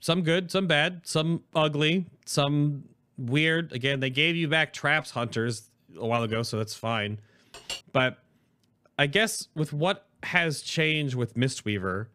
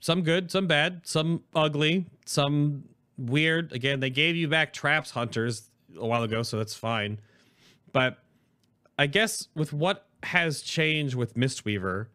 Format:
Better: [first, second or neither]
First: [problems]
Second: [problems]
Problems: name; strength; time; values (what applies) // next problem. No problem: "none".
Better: second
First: clattering dishes; faint; at 7.5 s; peak 10 dB below the speech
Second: none